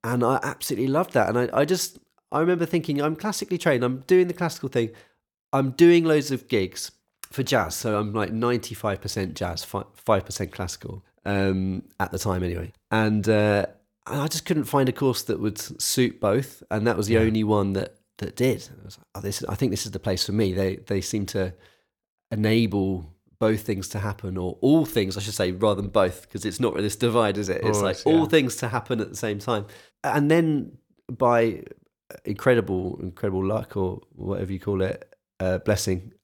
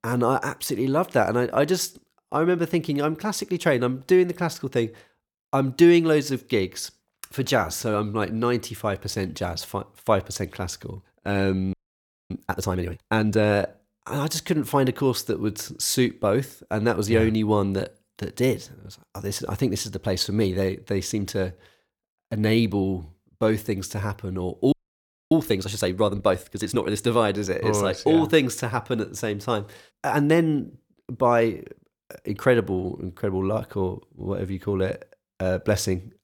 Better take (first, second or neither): first